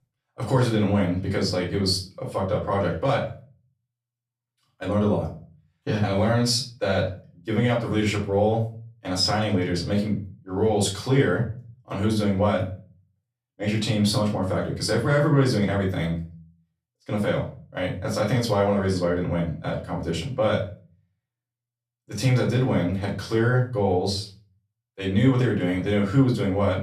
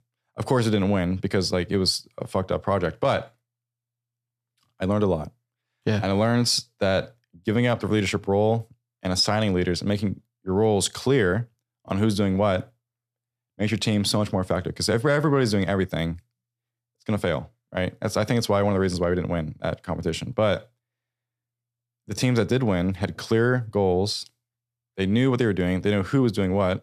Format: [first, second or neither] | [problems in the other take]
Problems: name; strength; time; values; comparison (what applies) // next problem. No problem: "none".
second | room echo; slight; dies away in 0.3 s // off-mic speech; far